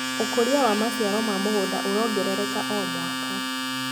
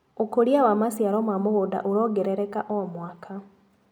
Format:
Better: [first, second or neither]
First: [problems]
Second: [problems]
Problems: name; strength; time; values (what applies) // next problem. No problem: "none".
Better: second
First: background sound (Domestic sounds, home sounds); 2 dB below the speech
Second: none